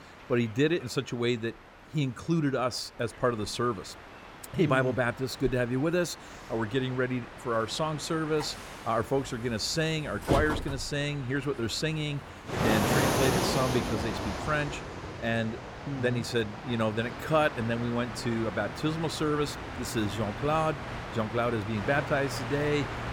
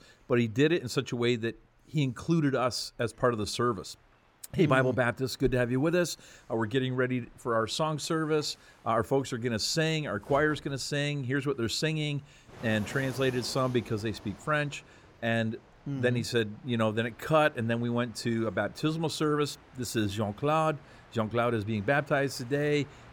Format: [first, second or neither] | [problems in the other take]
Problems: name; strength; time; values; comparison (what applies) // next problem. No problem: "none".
second | train or aircraft noise; loud; throughout; 5 dB below the speech; faint in the second